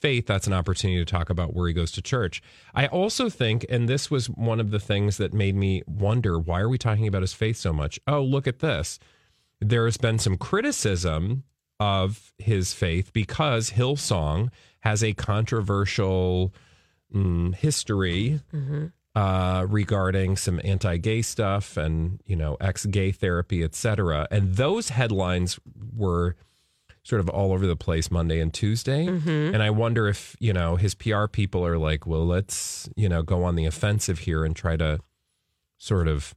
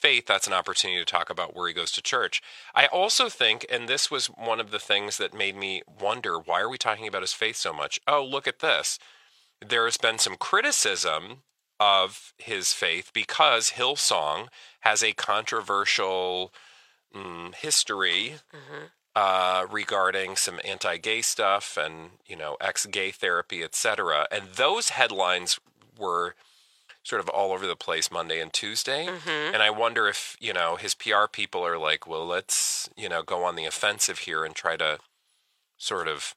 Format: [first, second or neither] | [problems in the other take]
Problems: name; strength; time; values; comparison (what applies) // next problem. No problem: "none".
first | thin; very; fading below 800 Hz